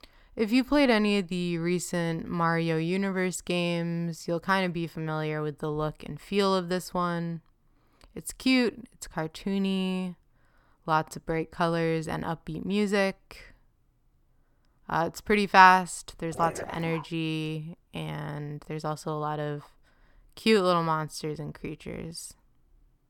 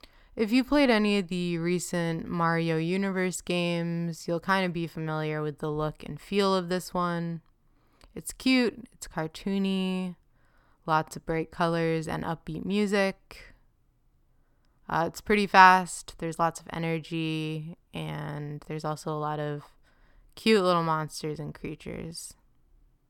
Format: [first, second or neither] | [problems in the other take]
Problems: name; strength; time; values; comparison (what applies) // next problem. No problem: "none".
second | dog barking; noticeable; at 16 s; peak 9 dB below the speech